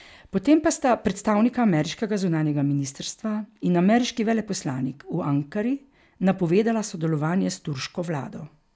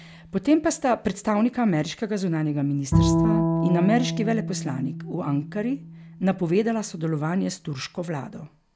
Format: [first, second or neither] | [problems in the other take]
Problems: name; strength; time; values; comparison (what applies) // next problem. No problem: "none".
first | background sound (Bowed string instrument); 4 dB below the speech